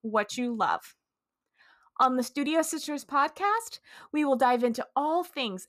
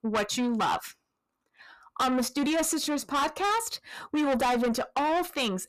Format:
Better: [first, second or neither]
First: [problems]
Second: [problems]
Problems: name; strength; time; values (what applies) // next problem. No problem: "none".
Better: first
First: none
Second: distortion; heavy; 6 dB below the speech